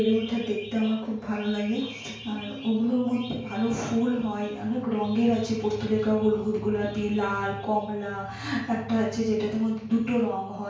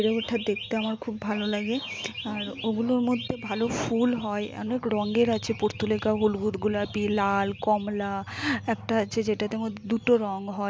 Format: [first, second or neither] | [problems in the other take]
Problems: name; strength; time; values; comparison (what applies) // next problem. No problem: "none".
second | room echo; dies away in 0.5 s